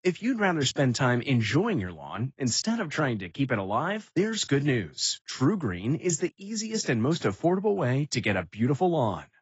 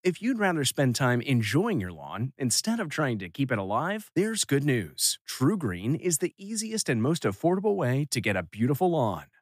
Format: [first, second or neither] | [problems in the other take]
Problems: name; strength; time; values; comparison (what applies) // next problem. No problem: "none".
second | garbled, watery; badly; nothing above 7.5 kHz